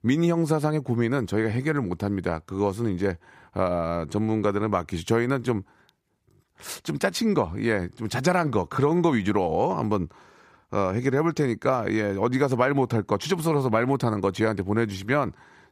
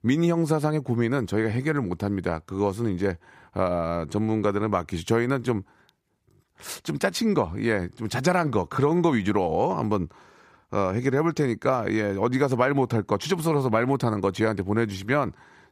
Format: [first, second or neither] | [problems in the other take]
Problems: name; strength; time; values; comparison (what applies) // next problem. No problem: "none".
neither | none